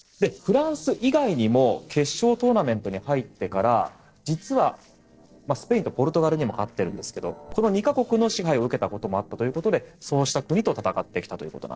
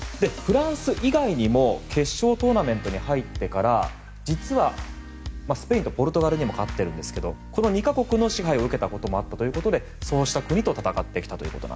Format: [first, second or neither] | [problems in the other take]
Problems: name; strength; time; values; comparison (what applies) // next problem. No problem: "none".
second | noise reduction (neural separator model SepFormer DNS4)